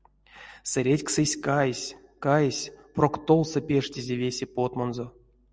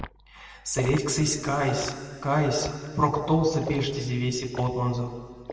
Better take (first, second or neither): first